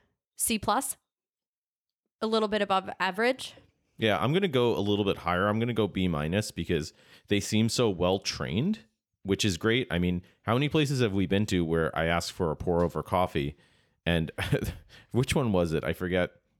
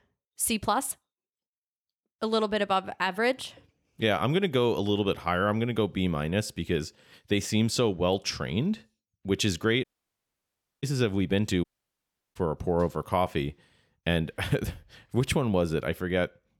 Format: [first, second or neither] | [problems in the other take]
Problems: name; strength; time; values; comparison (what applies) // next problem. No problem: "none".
first | audio cutting out; at 10 s for 1 s and at 12 s for 0.5 s